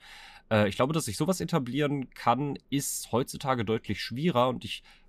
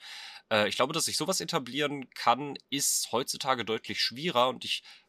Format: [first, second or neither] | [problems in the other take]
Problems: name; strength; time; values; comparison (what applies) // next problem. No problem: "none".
first | thin; very slightly; fading below 600 Hz